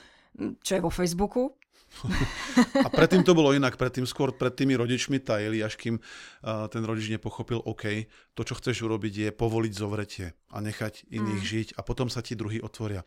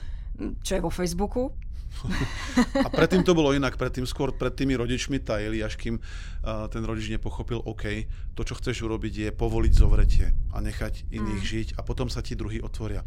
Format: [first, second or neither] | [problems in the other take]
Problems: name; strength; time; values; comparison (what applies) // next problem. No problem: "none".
first | wind noise on the microphone; occasional gusts; 25 dB below the speech